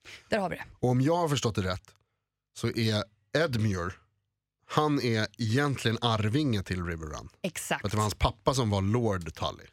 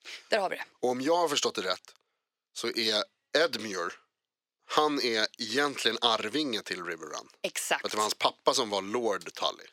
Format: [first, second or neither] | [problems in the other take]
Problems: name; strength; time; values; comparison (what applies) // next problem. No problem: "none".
first | thin; somewhat; fading below 350 Hz